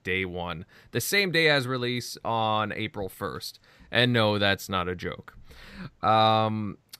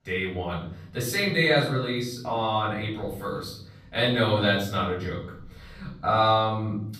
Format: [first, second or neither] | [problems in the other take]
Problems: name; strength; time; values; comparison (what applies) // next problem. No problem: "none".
first | room echo; noticeable; dies away in 0.8 s // off-mic speech; far